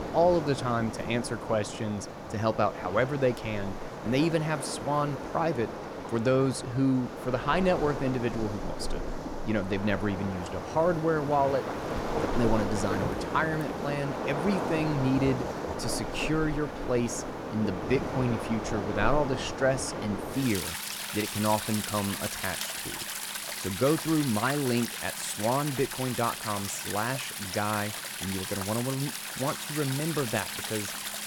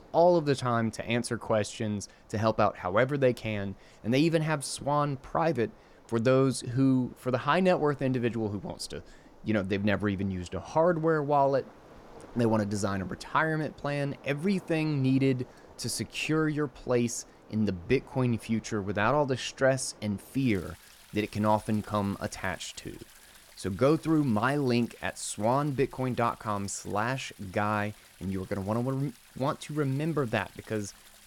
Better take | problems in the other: second | rain or running water; loud; throughout; 5 dB below the speech; faint in the second

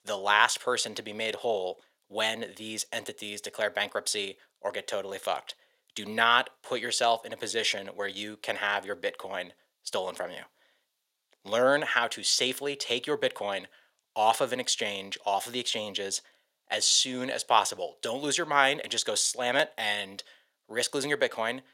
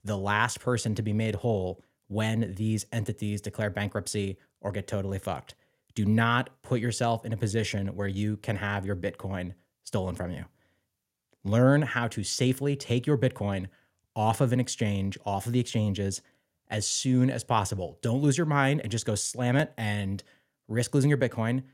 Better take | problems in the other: second | thin; very; fading below 600 Hz

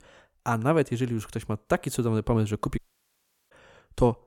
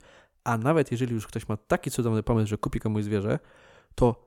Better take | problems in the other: second | audio cutting out; at 3 s for 0.5 s

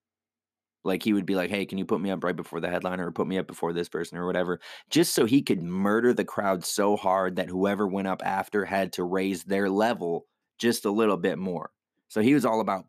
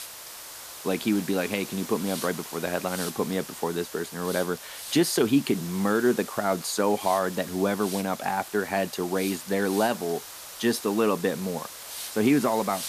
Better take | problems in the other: first | hiss; noticeable; throughout; 10 dB below the speech

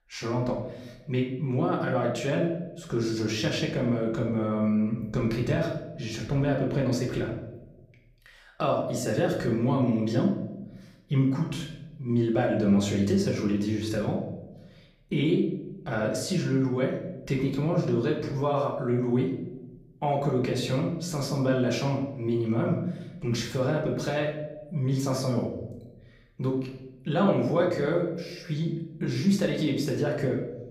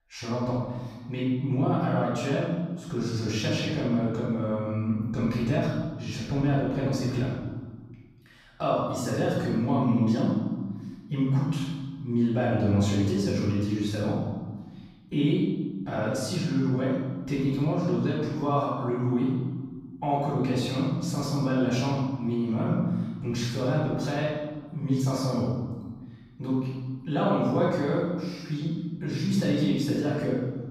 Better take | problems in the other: first | room echo; strong; dies away in 1.4 s; slight in the first // off-mic speech; far; far in the first

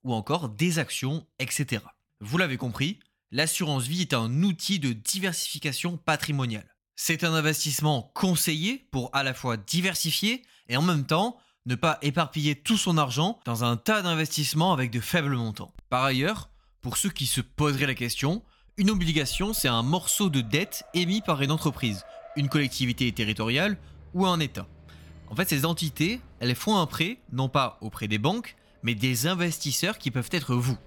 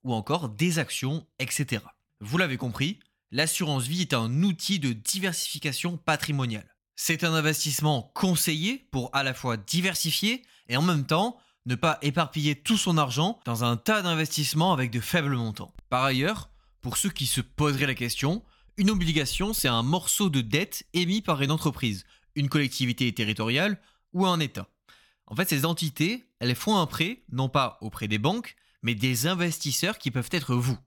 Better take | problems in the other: second | traffic noise; faint; from 19 s on; 25 dB below the speech

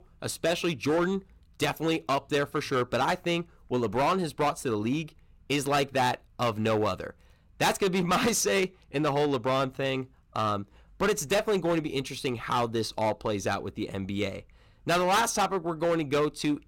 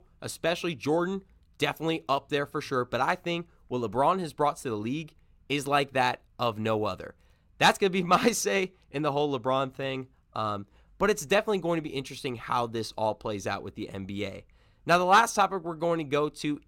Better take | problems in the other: second | distortion; heavy; 9% of the sound clipped

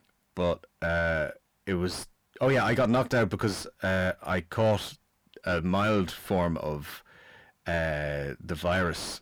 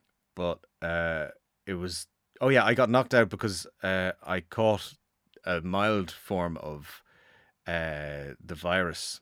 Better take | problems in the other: second | distortion; heavy; 6 dB below the speech

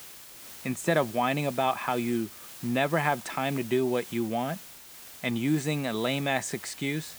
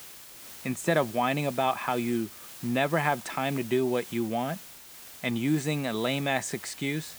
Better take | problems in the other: neither | hiss; noticeable; throughout; 15 dB below the speech; the same in both

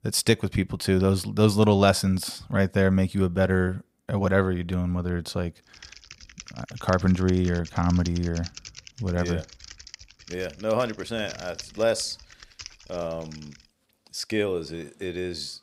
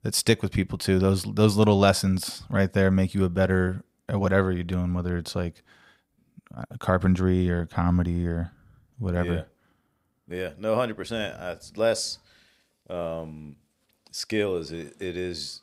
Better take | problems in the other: second | keyboard typing; faint; from 5.5 to 14 s; peak 15 dB below the speech

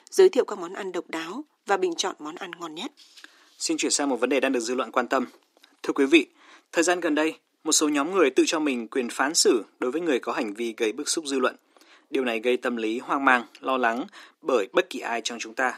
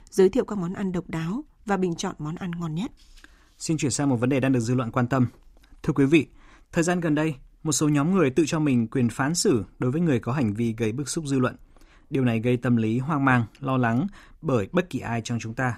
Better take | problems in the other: second | thin; somewhat; fading below 300 Hz

